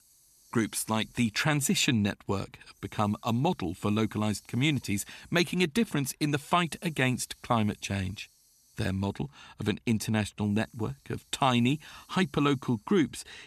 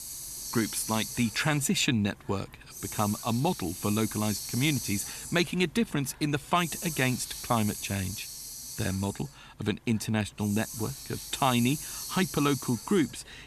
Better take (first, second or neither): first